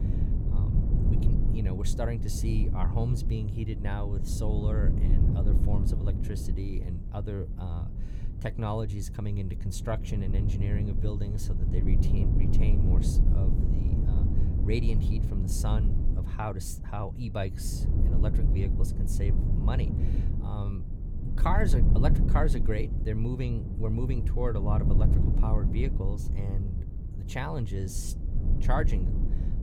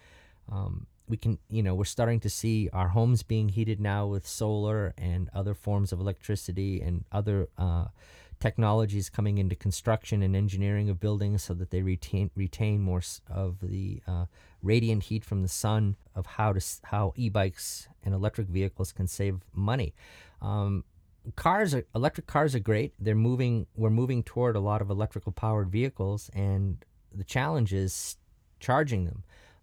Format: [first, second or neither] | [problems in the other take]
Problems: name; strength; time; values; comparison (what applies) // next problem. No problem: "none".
second | low rumble; loud; throughout; 5 dB below the speech